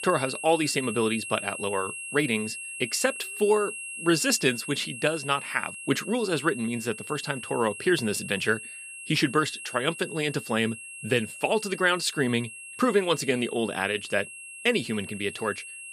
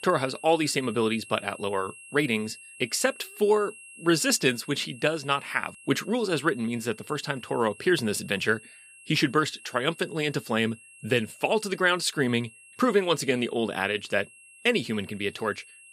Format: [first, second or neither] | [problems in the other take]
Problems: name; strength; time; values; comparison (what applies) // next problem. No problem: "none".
second | high-pitched whine; loud; throughout; 2.5 kHz, 10 dB below the speech; faint in the second